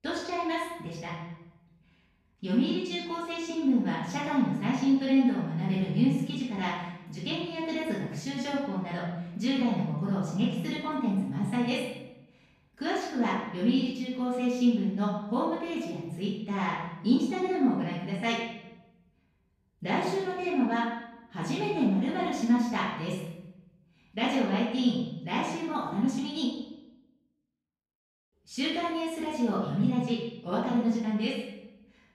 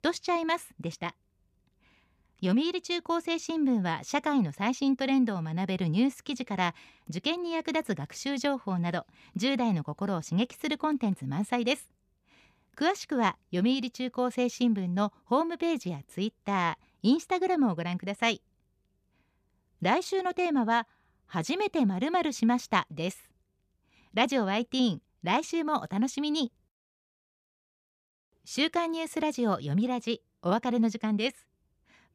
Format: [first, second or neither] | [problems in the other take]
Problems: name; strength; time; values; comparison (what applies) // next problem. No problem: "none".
second | off-mic speech; far // room echo; noticeable; dies away in 0.9 s